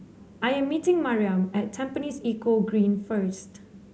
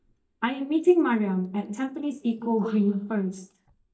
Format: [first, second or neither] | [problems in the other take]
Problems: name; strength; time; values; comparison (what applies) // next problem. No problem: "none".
first | noise reduction (neural mask model DeepFilterNet 3)